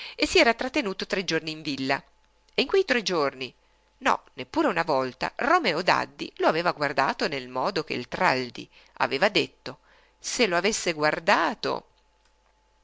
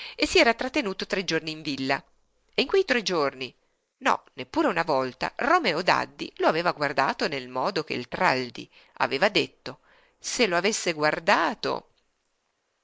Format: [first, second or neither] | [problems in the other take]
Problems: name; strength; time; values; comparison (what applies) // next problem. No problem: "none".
first | noise reduction (neural mask model Resemble Enhance denoiser)